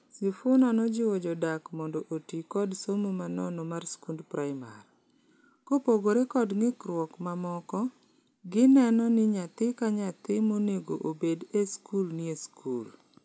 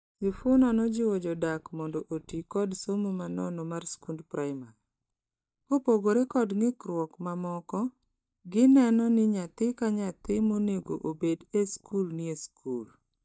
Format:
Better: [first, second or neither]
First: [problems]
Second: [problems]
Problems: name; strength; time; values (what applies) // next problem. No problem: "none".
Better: first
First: none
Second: noise reduction (neural mask model DeepFilterNet 3)